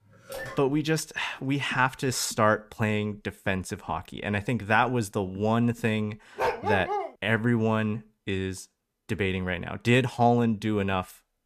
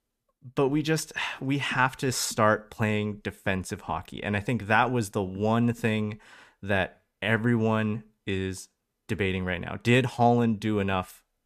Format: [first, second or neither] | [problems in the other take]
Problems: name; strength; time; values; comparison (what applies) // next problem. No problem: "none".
second | phone ringing; faint; at the start; peak 10 dB below the speech // dog barking; noticeable; at 6.5 s; peak level with the speech